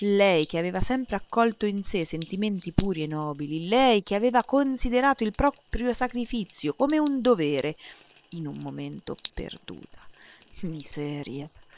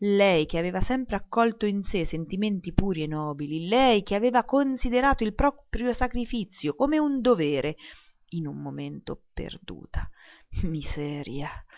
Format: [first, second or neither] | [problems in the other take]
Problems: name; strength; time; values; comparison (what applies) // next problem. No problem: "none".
second | noise reduction (neural separator model SepFormer WHAM!)